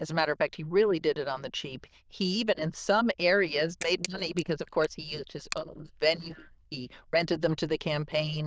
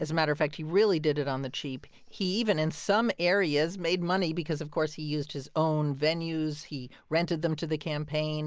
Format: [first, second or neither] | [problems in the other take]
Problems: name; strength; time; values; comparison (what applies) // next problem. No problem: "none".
second | noise reduction (neural diffusion model UNIVERSE++)